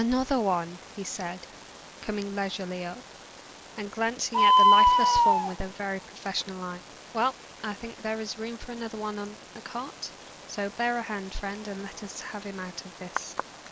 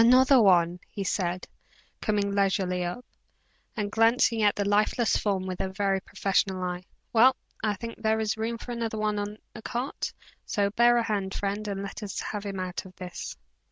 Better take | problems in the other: second | background sound (Bird); 3 dB above the speech

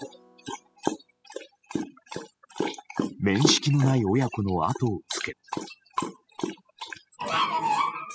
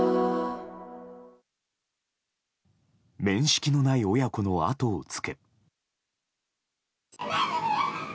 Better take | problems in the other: second | noise reduction (classical method spectral subtraction)

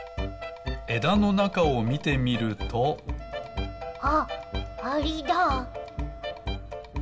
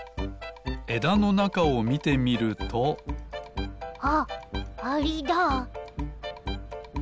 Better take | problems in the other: second | background sound (Wind instrument, woodwind instrument); 19 dB below the speech // room echo; dies away in 1.6 s

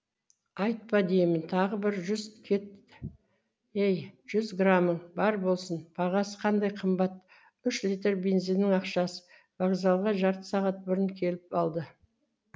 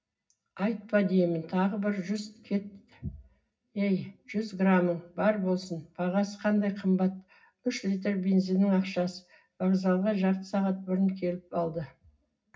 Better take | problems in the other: first | room echo; dies away in 0.4 s

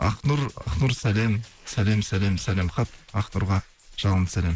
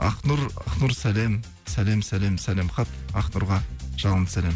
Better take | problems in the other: second | noise reduction (neural mask model Resemble Enhance denoiser)

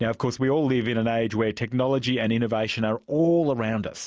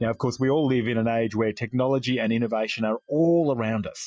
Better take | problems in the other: first | noise reduction (classical method Wiener filter)

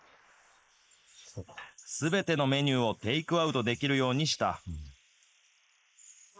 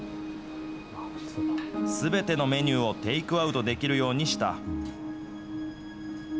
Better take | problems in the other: second | noise reduction (neural mask model Resemble Enhance denoiser)

